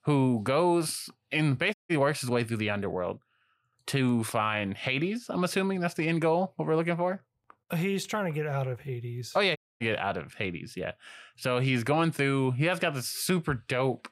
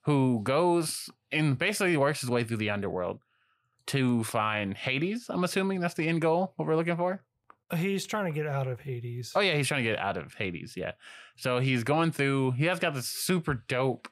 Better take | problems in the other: second | audio cutting out; at 1.5 s and at 9.5 s

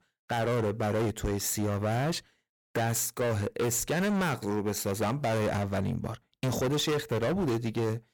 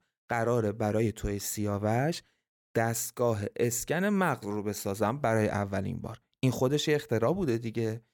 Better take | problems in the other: second | distortion; heavy; 22% of the sound clipped

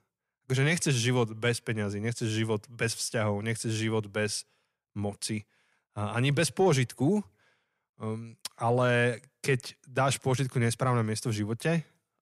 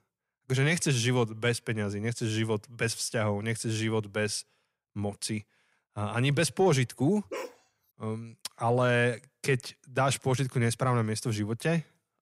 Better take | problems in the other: first | dog barking; faint; at 7.5 s; peak 10 dB below the speech

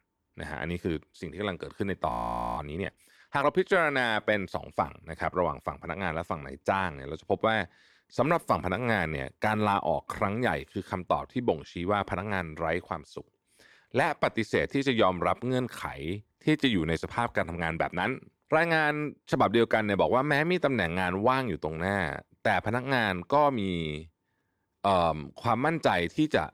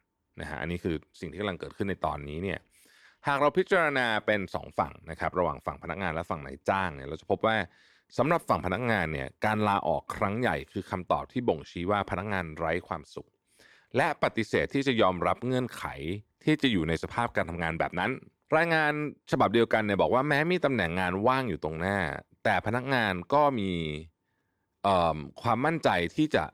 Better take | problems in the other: second | audio freezing; at 2 s

